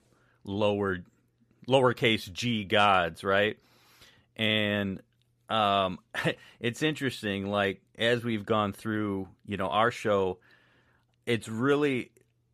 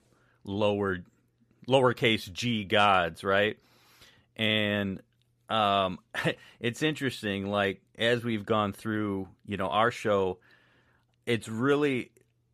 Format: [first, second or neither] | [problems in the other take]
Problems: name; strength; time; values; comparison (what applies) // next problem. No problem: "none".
neither | none